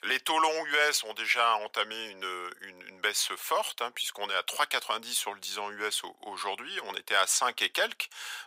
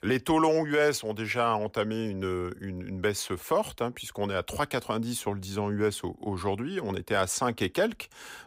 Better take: second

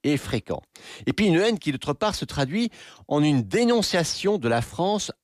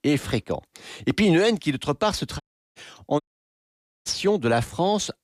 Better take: first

